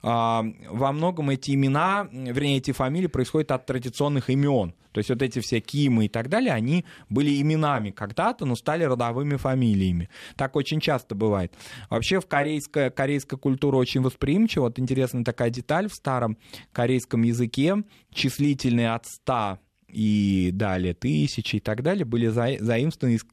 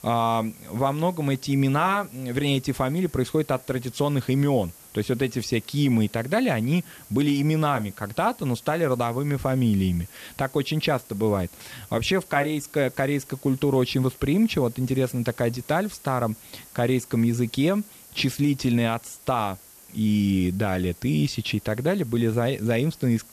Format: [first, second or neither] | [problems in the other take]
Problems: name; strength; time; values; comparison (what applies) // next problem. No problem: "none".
first | hiss; faint; throughout; 20 dB below the speech